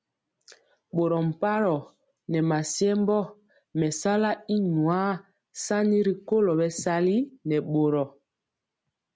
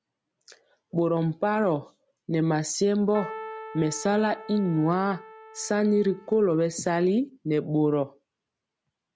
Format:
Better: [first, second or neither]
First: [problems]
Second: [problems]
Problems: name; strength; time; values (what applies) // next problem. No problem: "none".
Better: first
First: none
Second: background sound (Keyboard (musical)); 16 dB below the speech